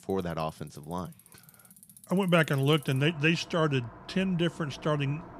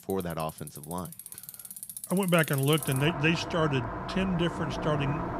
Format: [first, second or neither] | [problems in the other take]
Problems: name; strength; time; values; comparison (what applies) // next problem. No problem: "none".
first | traffic noise; loud; throughout; 8 dB below the speech; faint in the first